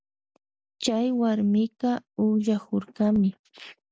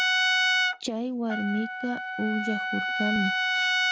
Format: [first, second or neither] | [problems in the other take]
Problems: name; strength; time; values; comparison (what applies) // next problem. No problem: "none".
first | background sound (Trumpet); 4 dB above the speech